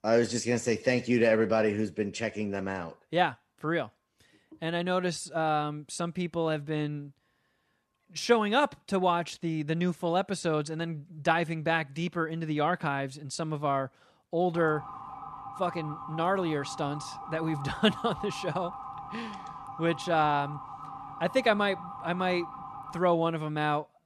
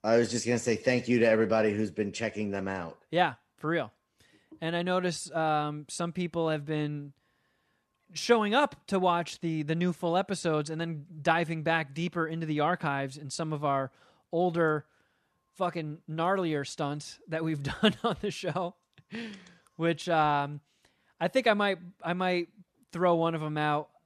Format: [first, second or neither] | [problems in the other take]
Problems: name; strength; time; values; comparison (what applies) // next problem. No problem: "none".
second | siren; faint; from 15 to 23 s; peak 10 dB below the speech